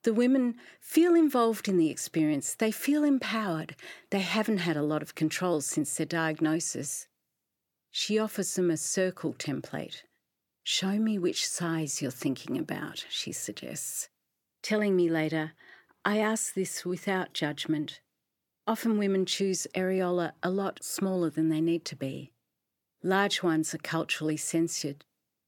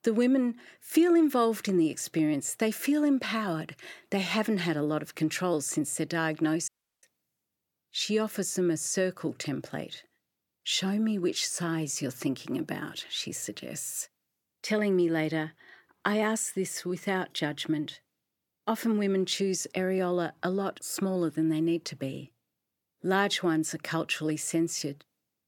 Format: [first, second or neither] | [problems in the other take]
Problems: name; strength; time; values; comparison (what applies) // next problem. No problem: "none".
first | audio cutting out; at 6.5 s